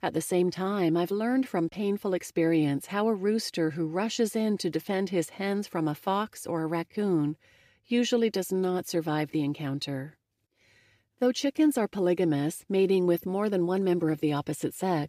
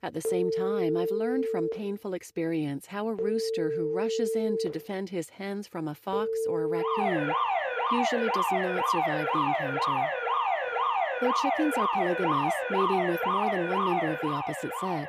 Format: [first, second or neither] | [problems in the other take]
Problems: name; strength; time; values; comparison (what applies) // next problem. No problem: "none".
first | alarms or sirens; very loud; throughout; 4 dB above the speech